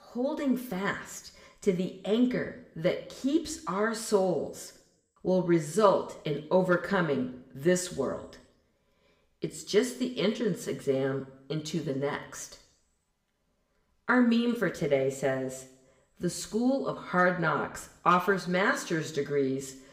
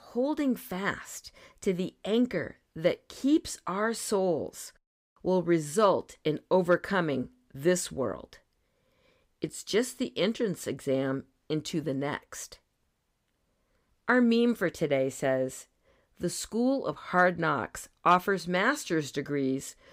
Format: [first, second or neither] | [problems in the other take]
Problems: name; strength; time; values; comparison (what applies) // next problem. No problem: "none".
second | room echo; very slight; dies away in 0.6 s